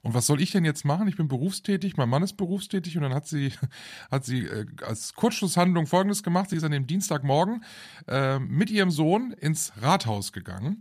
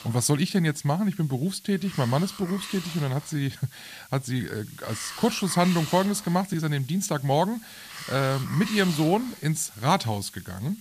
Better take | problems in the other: first | hiss; noticeable; throughout; 15 dB below the speech

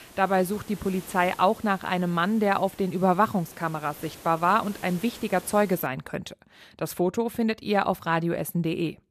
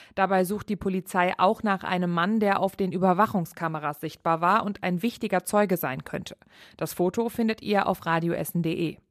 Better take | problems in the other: second | hiss; noticeable; until 6 s; 20 dB below the speech

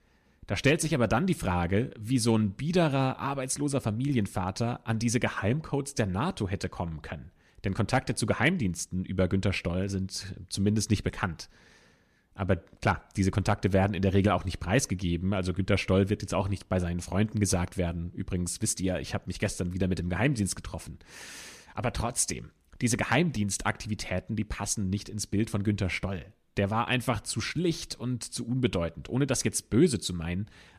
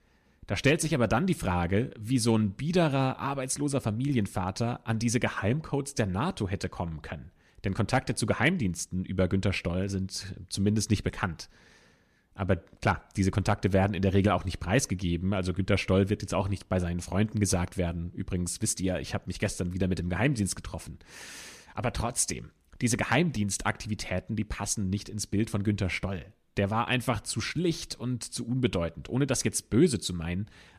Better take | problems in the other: neither | none

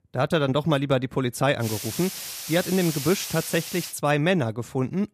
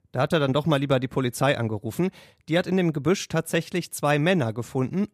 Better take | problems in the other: second | hiss; loud; from 1.5 to 4 s; 8 dB below the speech

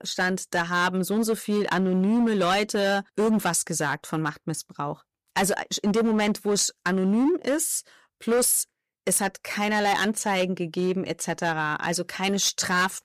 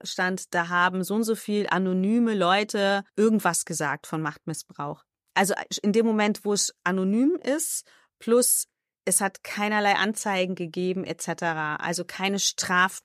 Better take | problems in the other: second | distortion; slight; 10% of the sound clipped

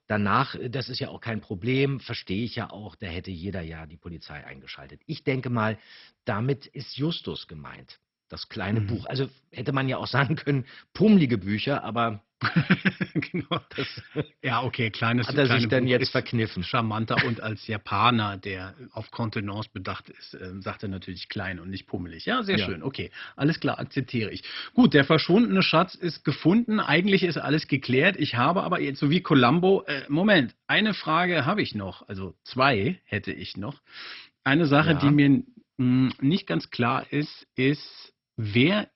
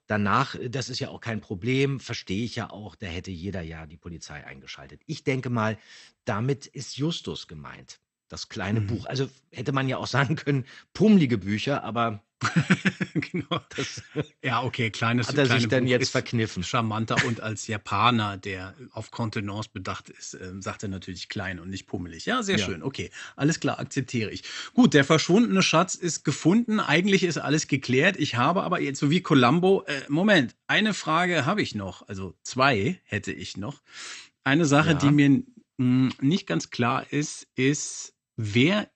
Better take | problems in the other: second | garbled, watery; badly; nothing above 5.5 kHz; slightly in the second

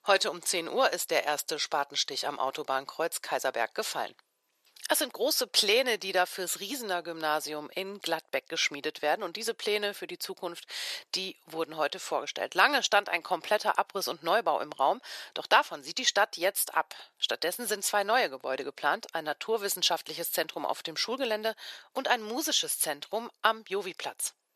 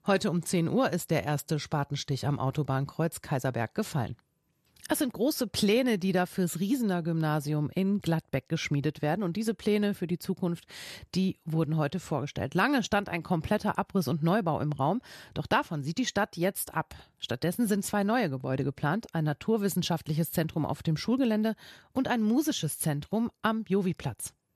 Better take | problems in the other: second | thin; very; fading below 500 Hz

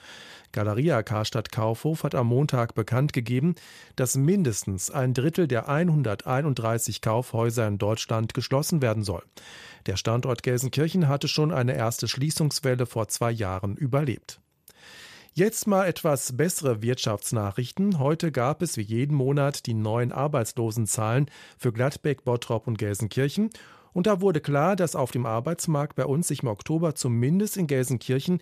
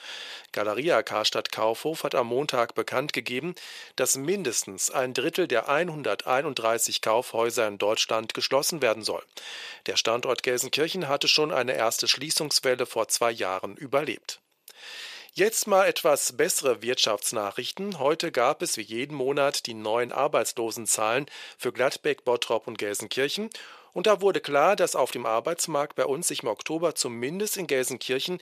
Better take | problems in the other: first | thin; very; fading below 500 Hz

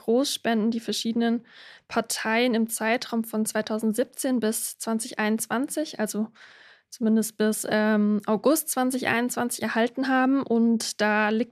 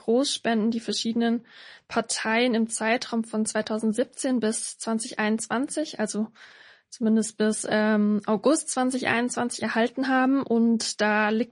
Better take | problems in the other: first | garbled, watery; slightly; nothing above 10.5 kHz

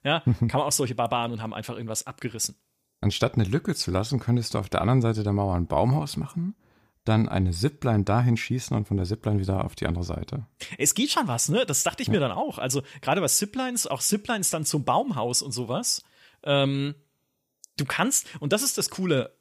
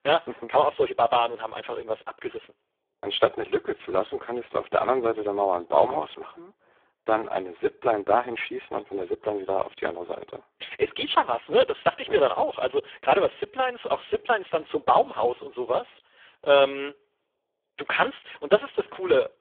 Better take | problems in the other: first | phone-call audio; poor line; nothing above 3.5 kHz

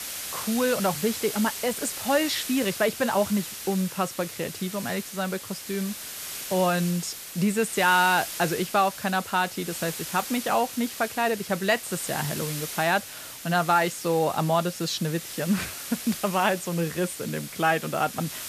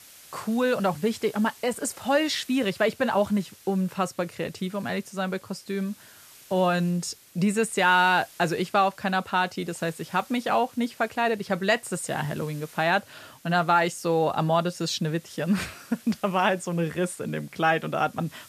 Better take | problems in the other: second | hiss; loud; throughout; 8 dB below the speech; faint in the second

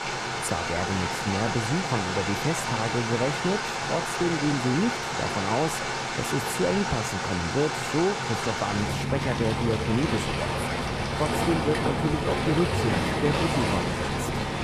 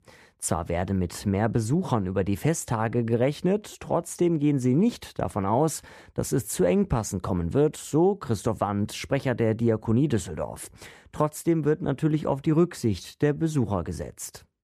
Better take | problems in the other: second | rain or running water; very loud; throughout; 1 dB above the speech

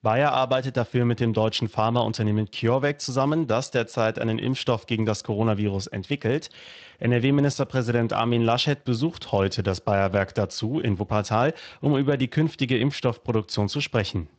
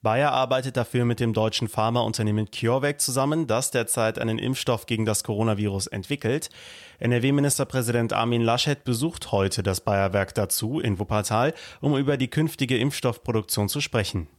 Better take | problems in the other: second | garbled, watery; slightly; nothing above 8 kHz

